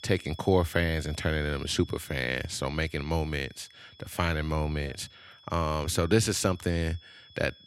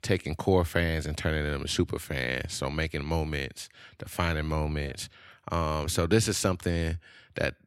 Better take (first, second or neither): second